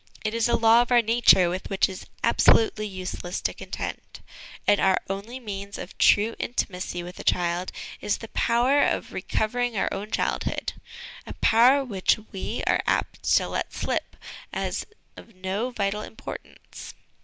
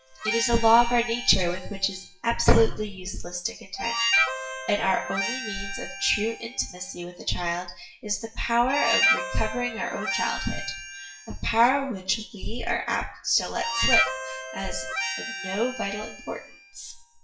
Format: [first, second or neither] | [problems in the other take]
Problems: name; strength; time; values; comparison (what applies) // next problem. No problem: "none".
first | noise reduction (classical method WPE with log-MMSE)